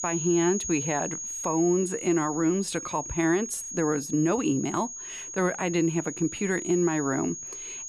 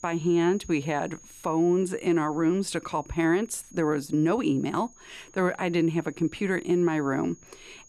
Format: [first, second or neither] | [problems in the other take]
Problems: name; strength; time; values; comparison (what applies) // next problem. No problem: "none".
second | high-pitched whine; loud; throughout; 6.5 kHz, 7 dB below the speech; faint in the second